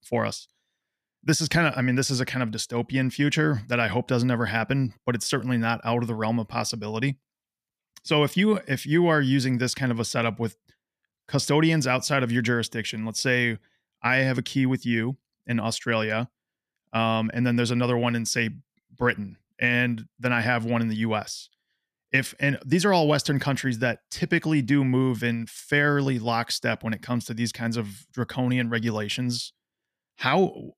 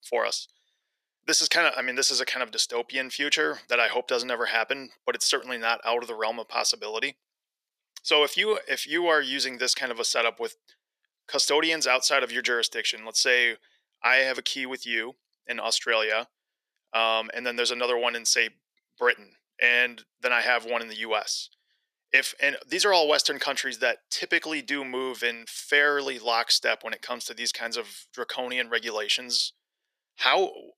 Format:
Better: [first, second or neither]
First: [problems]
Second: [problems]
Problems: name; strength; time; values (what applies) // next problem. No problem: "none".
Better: first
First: none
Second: thin; very; fading below 450 Hz